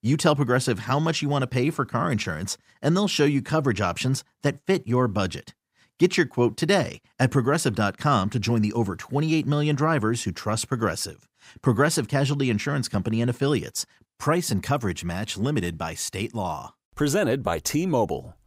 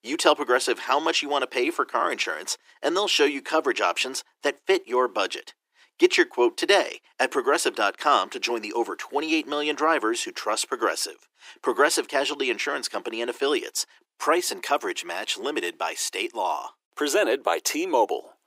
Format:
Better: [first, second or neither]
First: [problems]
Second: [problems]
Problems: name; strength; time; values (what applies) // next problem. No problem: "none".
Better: first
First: none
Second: thin; very; fading below 350 Hz